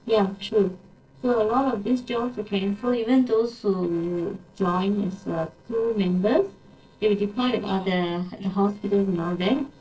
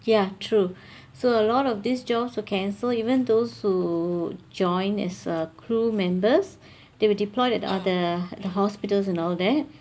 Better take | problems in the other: second | noise reduction (neural separator model SepFormer DNS4)

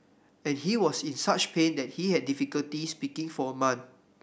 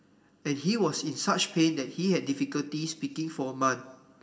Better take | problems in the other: first | room echo; dies away in 1.3 s

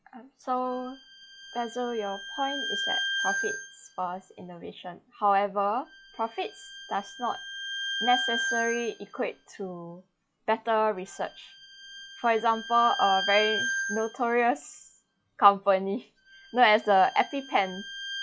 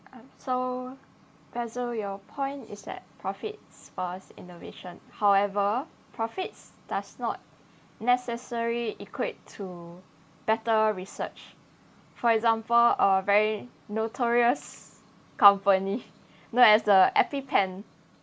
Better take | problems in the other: second | noise reduction (classical method log-MMSE)

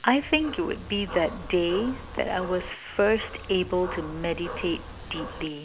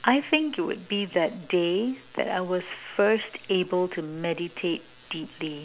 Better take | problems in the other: second | background sound (Dog); 11 dB below the speech

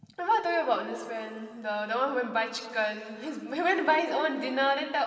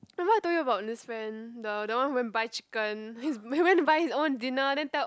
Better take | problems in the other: second | room echo; dies away in 2.3 s

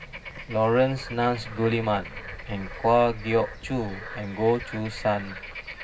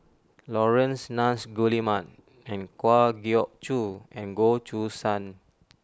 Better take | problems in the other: second | background sound (Bird / Frog); 13 dB below the speech // room echo; dies away in 0.4 s

